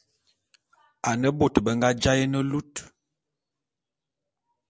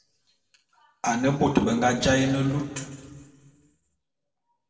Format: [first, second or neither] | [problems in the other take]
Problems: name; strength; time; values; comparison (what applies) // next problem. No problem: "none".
first | room echo; dies away in 1.7 s